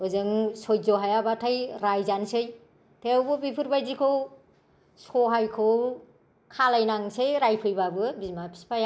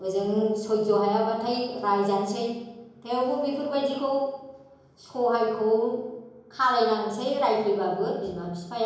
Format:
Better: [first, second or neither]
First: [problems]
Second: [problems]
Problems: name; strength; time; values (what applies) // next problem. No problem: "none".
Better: first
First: none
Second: room echo; dies away in 1 s